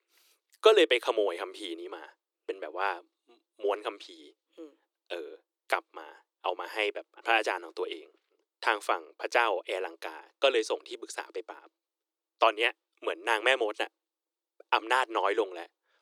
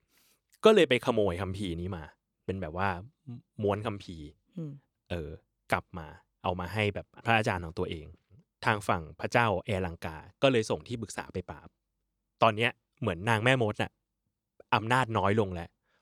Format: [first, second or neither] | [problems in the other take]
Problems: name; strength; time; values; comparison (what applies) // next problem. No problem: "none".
second | thin; very; fading below 300 Hz